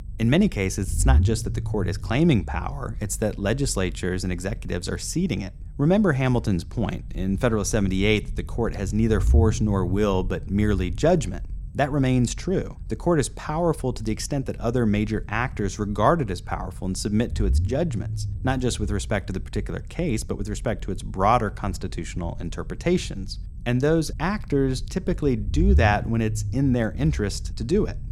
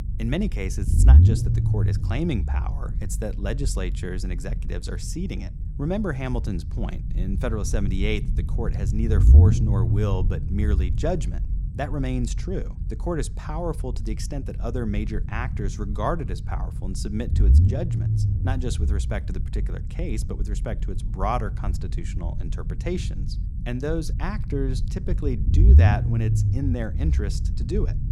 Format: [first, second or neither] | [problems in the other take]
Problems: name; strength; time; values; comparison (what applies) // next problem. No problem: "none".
first | low rumble; loud; throughout; 7 dB below the speech; faint in the first